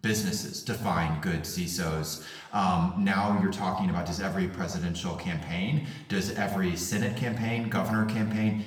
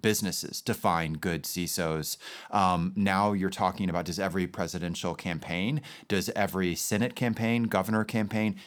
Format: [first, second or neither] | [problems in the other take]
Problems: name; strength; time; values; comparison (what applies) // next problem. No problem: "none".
second | room echo; slight; dies away in 0.8 s // off-mic speech; somewhat distant